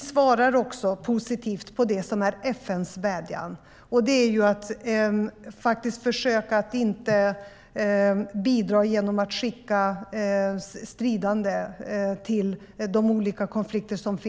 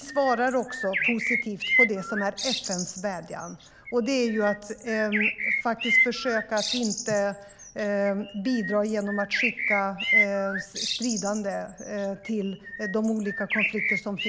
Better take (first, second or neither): first